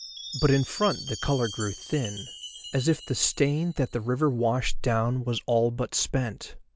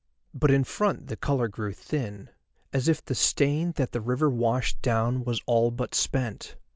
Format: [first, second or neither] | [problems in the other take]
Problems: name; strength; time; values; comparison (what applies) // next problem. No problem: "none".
second | background sound (Chime); 15 dB below the speech